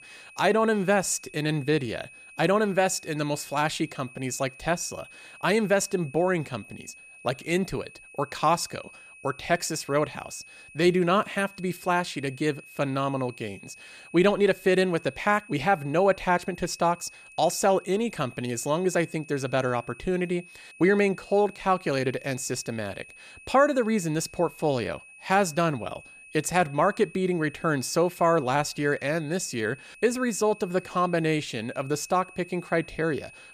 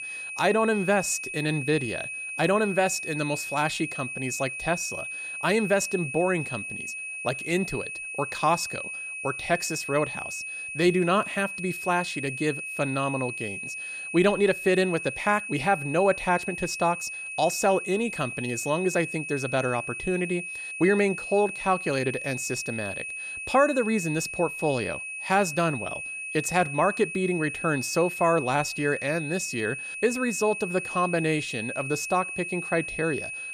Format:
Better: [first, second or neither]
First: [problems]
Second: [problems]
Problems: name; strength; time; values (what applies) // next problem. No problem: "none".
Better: first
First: high-pitched whine; faint; throughout; 2.5 kHz, 20 dB below the speech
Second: high-pitched whine; loud; throughout; 2.5 kHz, 6 dB below the speech